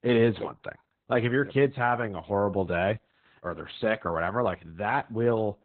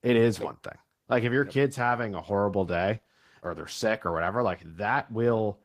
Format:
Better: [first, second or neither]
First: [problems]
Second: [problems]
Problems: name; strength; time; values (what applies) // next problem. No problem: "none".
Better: second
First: garbled, watery; badly; nothing above 4 kHz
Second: garbled, watery; slightly; nothing above 15 kHz